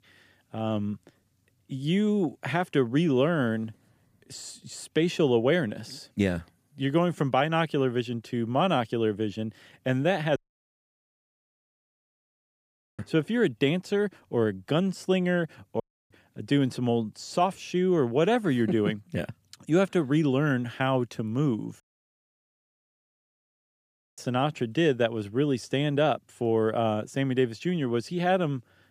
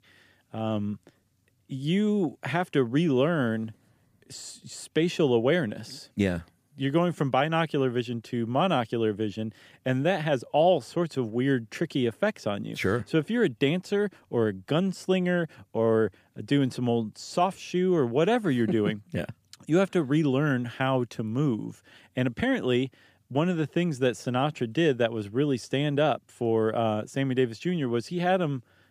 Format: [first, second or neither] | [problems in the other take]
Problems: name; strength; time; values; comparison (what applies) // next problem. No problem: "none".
second | audio cutting out; at 10 s for 2.5 s, at 16 s and at 22 s for 2.5 s